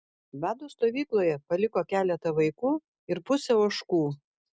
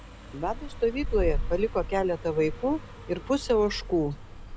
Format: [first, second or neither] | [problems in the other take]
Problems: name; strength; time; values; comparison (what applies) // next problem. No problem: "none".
first | background sound (Car passing by); 6 dB below the speech